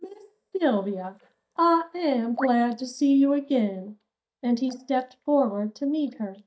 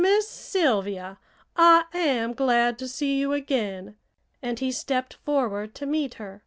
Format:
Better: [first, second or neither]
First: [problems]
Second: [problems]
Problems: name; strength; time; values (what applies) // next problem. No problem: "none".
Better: second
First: noise reduction (neural mask model DeepFilterNet 3)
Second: none